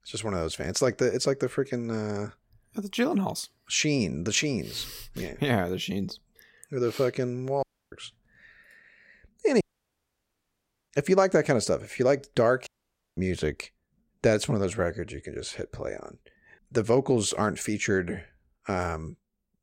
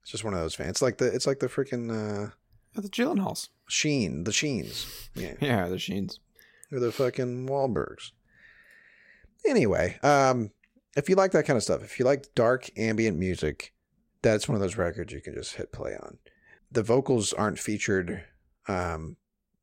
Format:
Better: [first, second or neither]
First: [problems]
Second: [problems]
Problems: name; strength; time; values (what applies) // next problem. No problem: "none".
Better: second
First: audio cutting out; at 7.5 s, at 9.5 s for 1.5 s and at 13 s for 0.5 s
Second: none